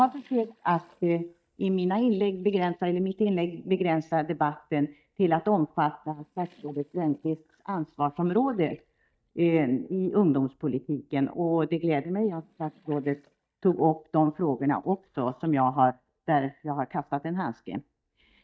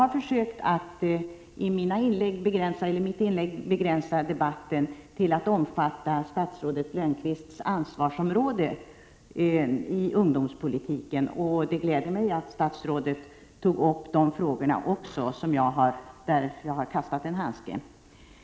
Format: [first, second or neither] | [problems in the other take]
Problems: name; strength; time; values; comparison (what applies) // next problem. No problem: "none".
second | noise reduction (neural mask model DeepFilterNet 3)